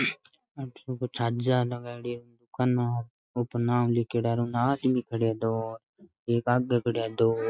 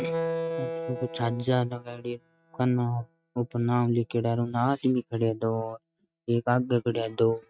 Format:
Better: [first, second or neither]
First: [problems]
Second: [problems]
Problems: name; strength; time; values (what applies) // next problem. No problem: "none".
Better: first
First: none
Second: noise reduction (neural mask model RNNoise)